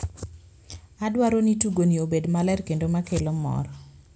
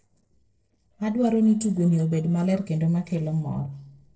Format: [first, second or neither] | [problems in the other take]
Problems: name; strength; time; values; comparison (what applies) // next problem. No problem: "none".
first | noise reduction (neural separator model SepFormer DNS4)